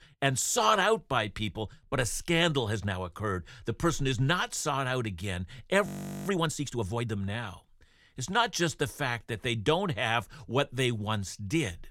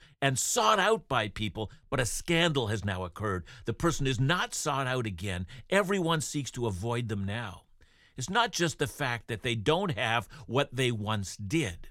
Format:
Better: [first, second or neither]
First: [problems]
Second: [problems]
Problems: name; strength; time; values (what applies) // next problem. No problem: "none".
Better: second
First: audio freezing; at 6 s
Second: none